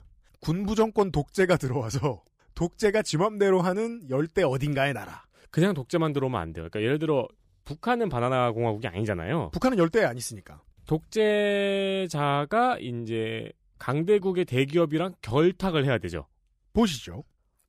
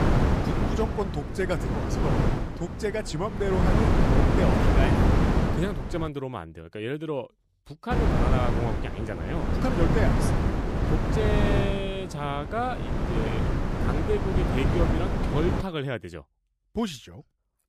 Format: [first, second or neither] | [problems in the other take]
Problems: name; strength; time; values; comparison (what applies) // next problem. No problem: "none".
first | wind noise on the microphone; heavy; until 6 s and from 8 to 16 s; 1 dB above the speech